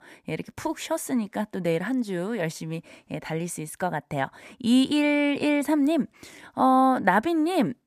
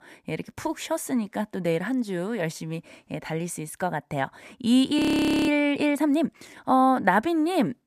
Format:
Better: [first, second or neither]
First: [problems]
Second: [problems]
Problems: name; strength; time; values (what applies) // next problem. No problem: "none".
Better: first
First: none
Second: audio freezing; at 5 s